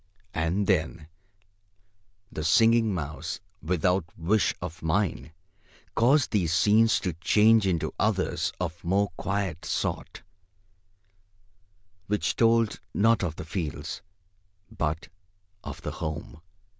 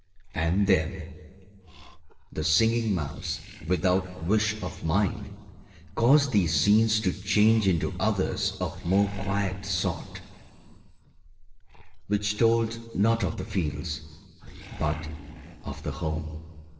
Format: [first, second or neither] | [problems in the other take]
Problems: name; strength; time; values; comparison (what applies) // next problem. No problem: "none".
first | noise reduction (neural separator model SepFormer DNS4)